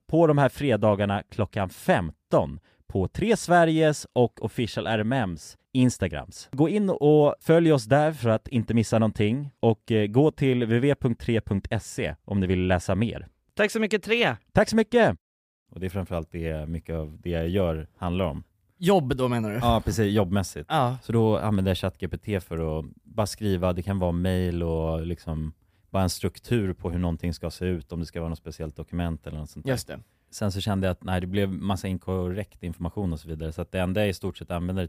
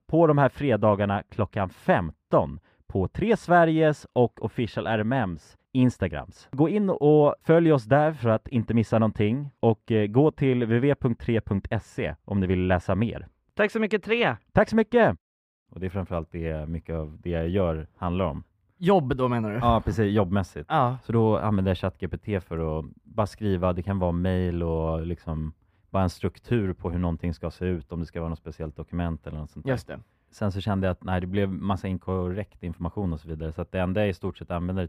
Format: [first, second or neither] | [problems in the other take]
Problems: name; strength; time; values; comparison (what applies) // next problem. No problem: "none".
first | muffled; slightly; fading above 4 kHz